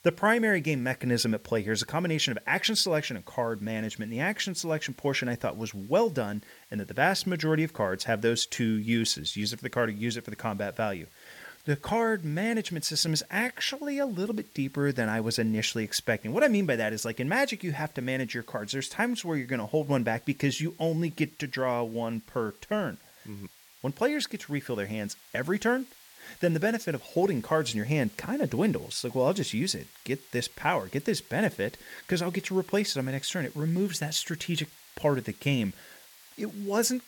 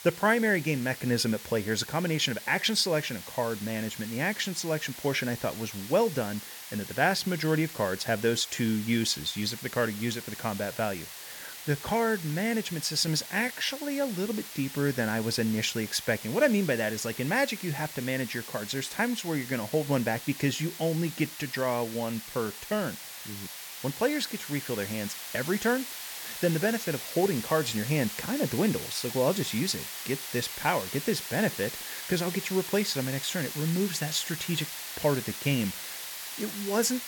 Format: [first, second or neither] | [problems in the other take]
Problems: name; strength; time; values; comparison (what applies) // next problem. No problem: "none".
first | hiss; loud; throughout; 9 dB below the speech; faint in the first